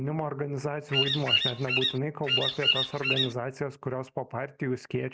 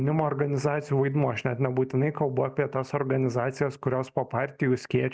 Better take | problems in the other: second | background sound (Bird vocalization, bird call, bird song); 4 dB above the speech

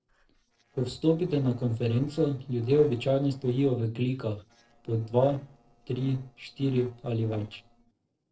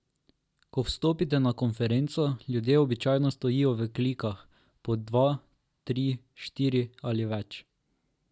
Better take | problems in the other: second | noise reduction (neural separator model SepFormer DNS4)

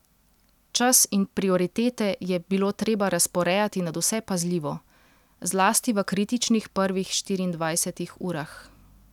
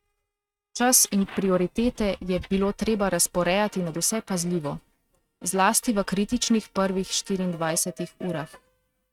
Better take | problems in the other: first | noise reduction (neural mask model RNNoise)

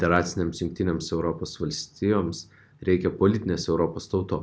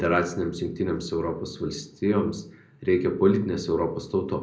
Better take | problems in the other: first | room echo; dies away in 0.5 s

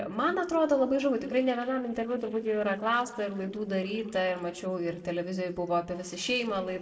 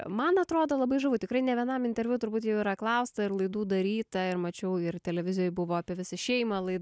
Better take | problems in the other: second | noise reduction (neural separator model SepFormer DNS4)

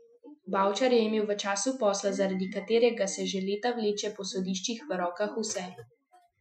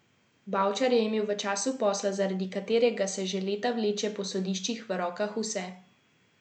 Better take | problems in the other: second | noise reduction (classical method Wiener filter)

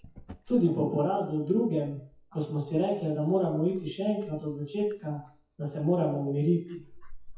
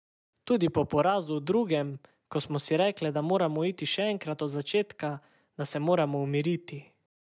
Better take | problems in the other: second | noise reduction (classical method WPE with log-MMSE)

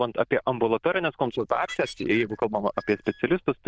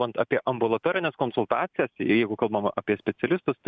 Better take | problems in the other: second | noise reduction (neural diffusion model UNIVERSE++)

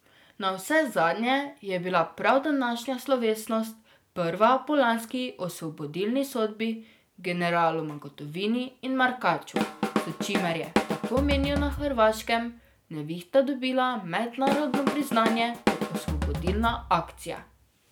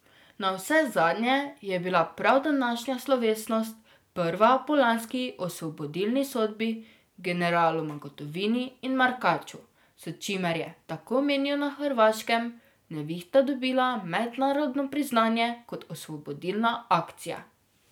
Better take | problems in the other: second | background sound (Drum kit); 3 dB below the speech

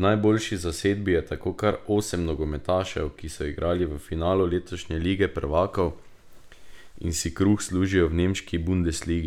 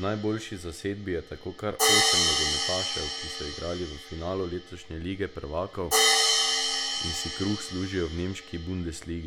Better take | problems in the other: first | background sound (Hi-hat); 4 dB above the speech

